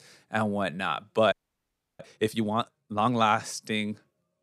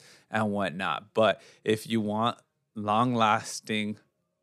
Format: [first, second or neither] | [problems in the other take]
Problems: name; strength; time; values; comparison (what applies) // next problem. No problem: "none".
second | audio freezing; at 1.5 s for 0.5 s